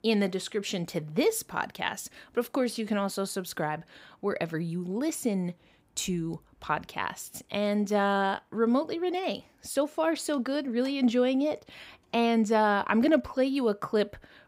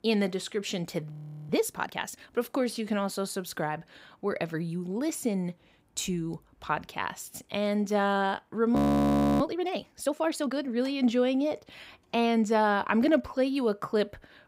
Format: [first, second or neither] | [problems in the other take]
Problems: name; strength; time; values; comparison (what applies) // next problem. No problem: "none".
first | audio freezing; at 1 s and at 9 s for 0.5 s